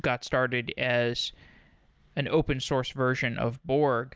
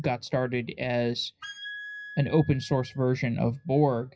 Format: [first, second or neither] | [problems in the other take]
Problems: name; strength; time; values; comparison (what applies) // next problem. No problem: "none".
first | noise reduction (classical method WPE with log-MMSE)